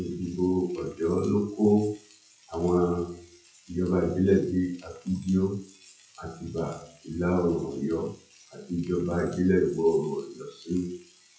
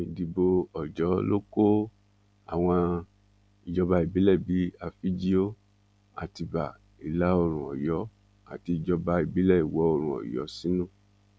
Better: second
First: noise reduction (classical method WPE with log-MMSE)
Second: none

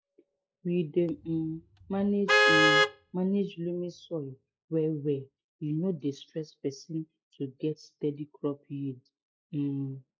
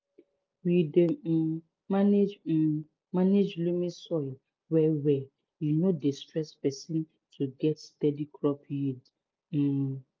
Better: second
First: noise reduction (classical method log-MMSE)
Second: none

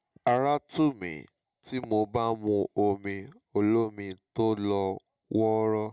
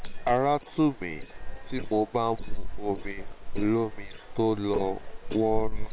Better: first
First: none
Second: noise reduction (neural separator model SepFormer WHAM!)

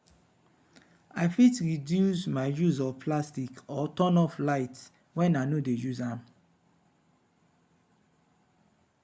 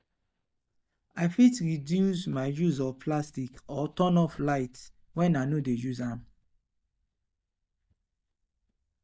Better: first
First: none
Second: noise reduction (neural mask model DeepFilterNet 3)

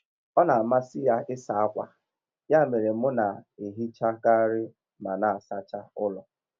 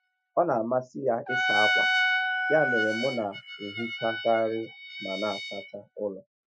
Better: first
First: none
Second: noise reduction (classical method Wiener filter)

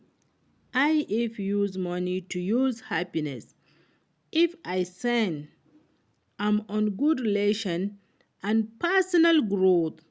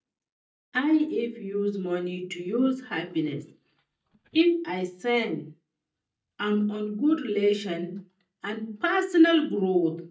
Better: first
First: none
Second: noise reduction (neural mask model DeepFilterNet 3)

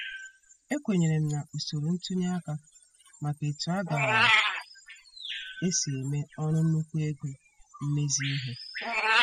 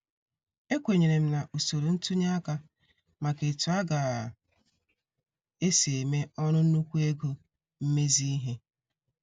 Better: second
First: noise reduction (classical method spectral subtraction)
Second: none

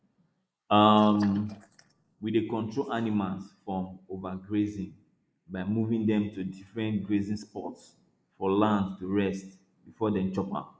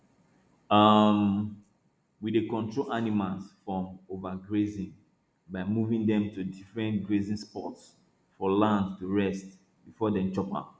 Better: second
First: noise reduction (neural mask model Resemble Enhance denoiser)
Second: none

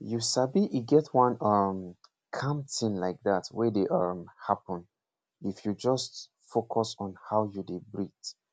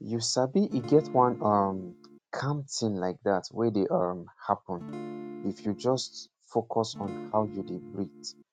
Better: first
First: none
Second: noise reduction (neural mask model RNNoise)

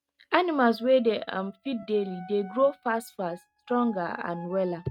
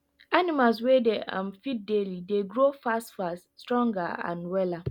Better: second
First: noise reduction (neural mask model RNNoise)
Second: none

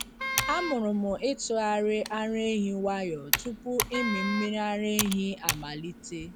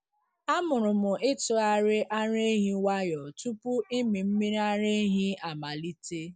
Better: second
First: background sound (Wind instrument, woodwind instrument + Computer keyboard); 5 dB below the speech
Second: none

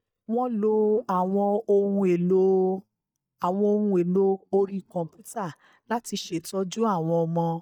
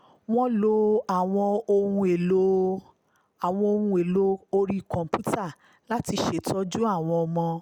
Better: second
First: noise reduction (neural mask model DeepFilterNet 3)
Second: none

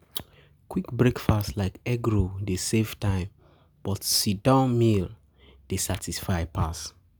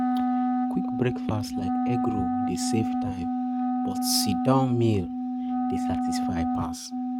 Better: first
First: none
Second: noise reduction (neural mask model RNNoise)

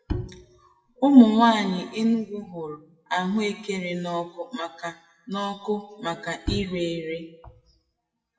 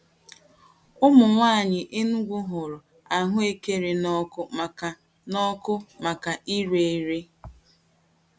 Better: second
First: noise reduction (classical method WPE with log-MMSE)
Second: none

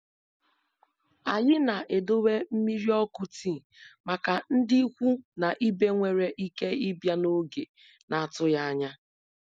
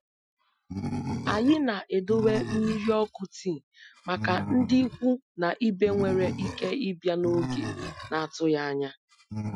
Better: first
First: none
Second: noise reduction (classical method Wiener filter)

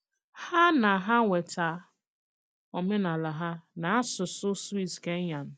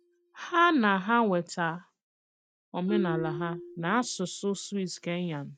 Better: first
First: none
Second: noise reduction (neural mask model RNNoise)

